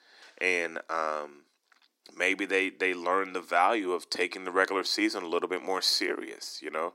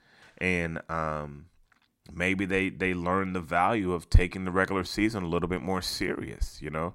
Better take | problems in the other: second | thin; somewhat; fading below 300 Hz

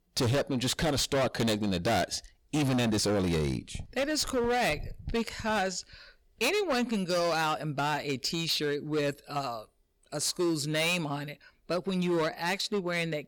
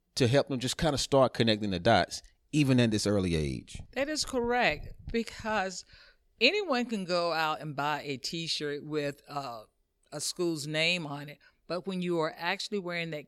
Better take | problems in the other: second | distortion; heavy; 15% of the sound clipped

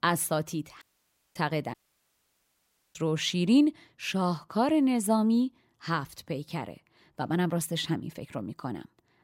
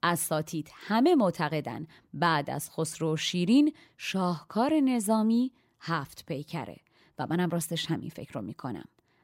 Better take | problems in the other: second | audio cutting out; at 1 s for 0.5 s and at 1.5 s for 1 s

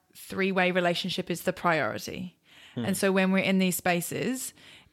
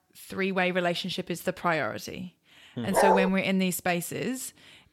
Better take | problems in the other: first | dog barking; loud; at 3 s; peak 5 dB above the speech

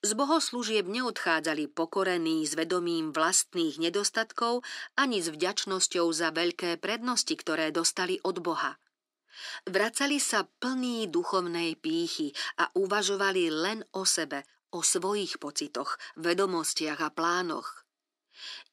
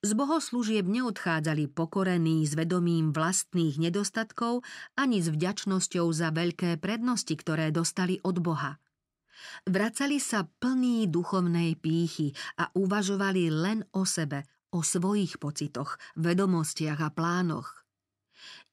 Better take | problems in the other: second | thin; somewhat; fading below 300 Hz

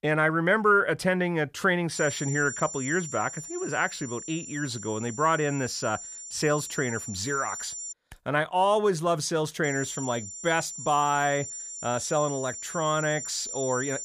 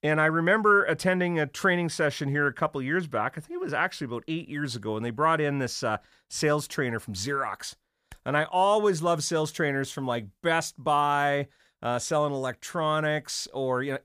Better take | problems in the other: second | high-pitched whine; loud; from 2 to 8 s and from 9.5 s on; 7 kHz, 9 dB below the speech

